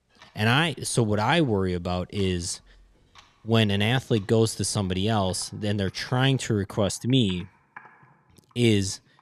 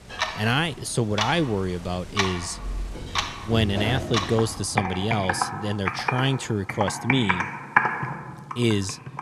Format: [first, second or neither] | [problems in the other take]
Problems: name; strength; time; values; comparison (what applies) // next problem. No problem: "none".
first | household noises; loud; throughout; 2 dB below the speech; faint in the first